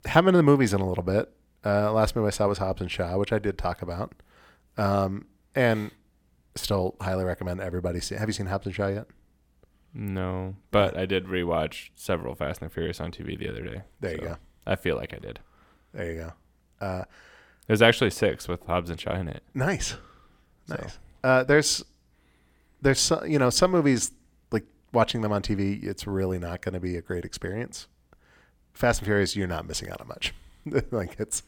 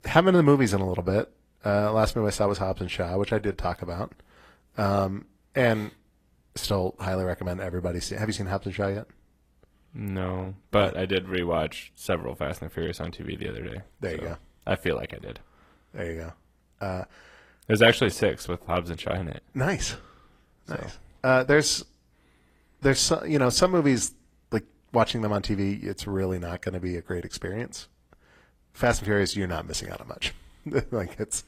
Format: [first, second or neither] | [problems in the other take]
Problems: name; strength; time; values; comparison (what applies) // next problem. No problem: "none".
first | garbled, watery; slightly; nothing above 14.5 kHz